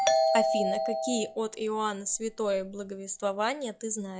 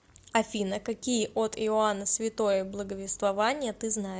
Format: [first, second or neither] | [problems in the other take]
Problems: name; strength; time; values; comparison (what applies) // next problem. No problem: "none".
second | noise reduction (classical method log-MMSE)